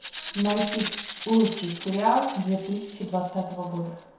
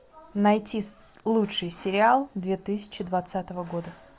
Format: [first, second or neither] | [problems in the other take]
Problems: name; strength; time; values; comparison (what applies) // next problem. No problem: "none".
second | background sound (Rattle (instrument)); 12 dB below the speech // room echo; dies away in 0.7 s